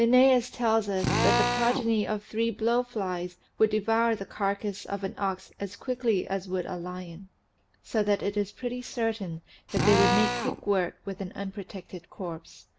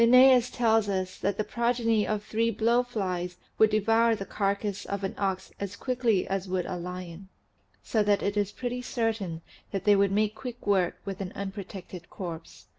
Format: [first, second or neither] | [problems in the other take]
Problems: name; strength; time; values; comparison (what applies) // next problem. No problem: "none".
second | background sound (Drill); as loud as the speech